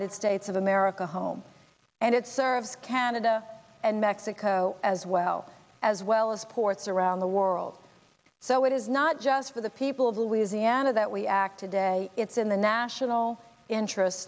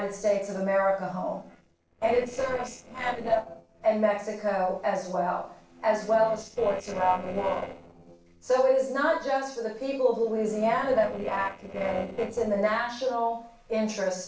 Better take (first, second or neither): first